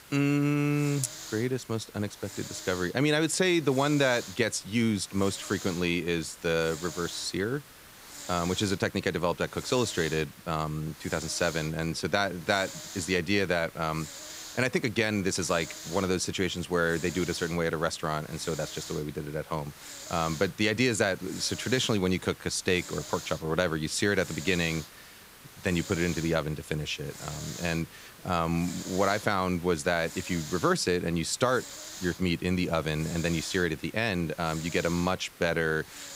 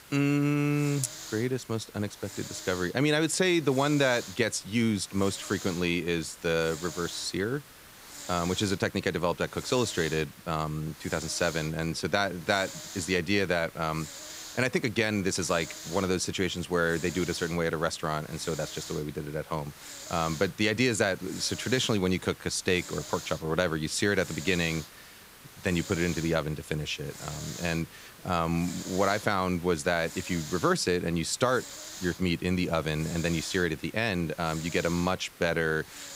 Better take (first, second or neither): neither